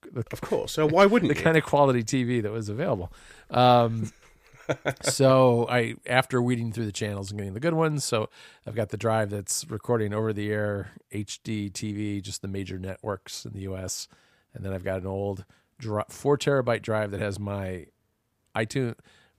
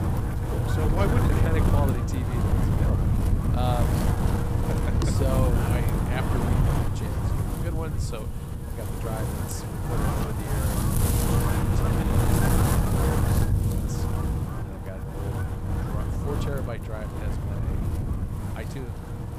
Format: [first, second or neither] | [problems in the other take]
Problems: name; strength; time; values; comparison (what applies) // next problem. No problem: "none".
first | wind noise on the microphone; heavy; 4 dB above the speech